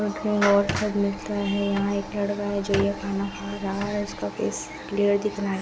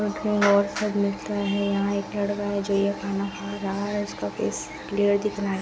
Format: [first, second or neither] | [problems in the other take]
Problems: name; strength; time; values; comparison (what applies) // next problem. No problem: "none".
second | background sound (Squeak); 11 dB below the speech